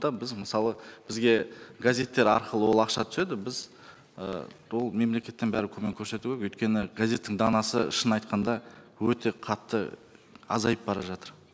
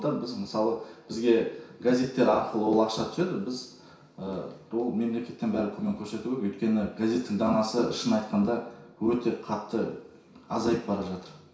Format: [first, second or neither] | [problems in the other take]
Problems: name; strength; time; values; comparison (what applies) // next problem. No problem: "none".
first | room echo; dies away in 0.6 s